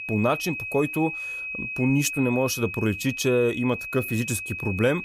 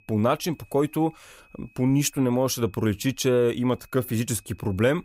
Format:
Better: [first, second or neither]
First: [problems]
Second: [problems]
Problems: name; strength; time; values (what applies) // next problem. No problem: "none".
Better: second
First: high-pitched whine; loud; throughout; 2.5 kHz, 6 dB below the speech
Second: high-pitched whine; faint; throughout; 2.5 kHz, 35 dB below the speech